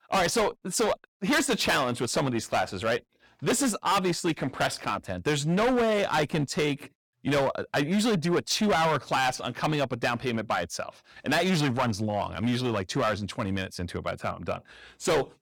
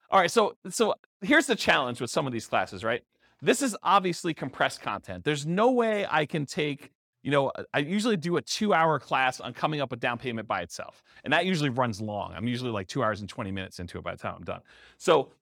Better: second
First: distortion; heavy; 13% of the sound clipped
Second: none

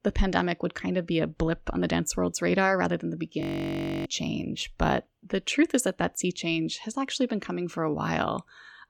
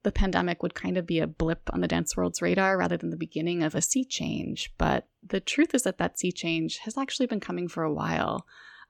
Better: second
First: audio freezing; at 3.5 s for 0.5 s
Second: none

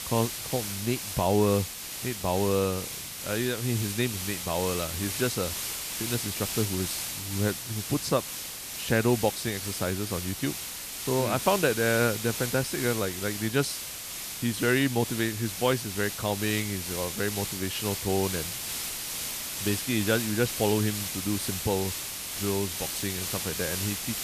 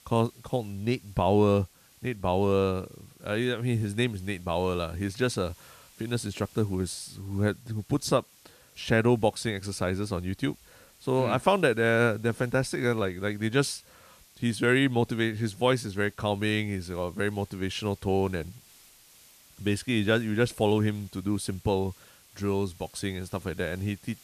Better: second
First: hiss; loud; throughout; 3 dB below the speech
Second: hiss; faint; throughout; 25 dB below the speech

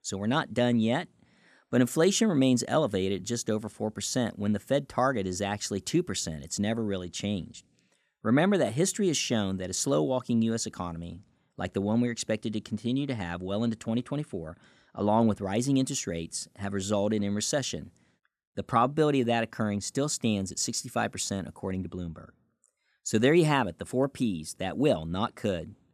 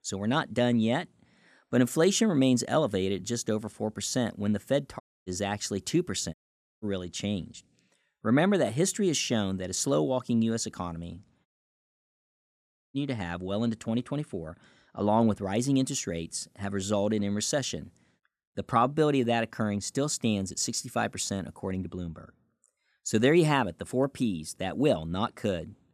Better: first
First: none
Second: audio cutting out; at 5 s, at 6.5 s and at 11 s for 1.5 s

